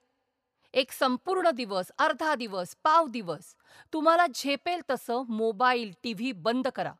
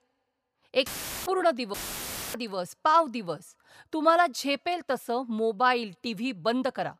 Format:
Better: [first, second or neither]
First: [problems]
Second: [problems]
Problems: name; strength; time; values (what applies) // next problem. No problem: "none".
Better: first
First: none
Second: audio cutting out; filled with static; at 1 s and at 1.5 s for 0.5 s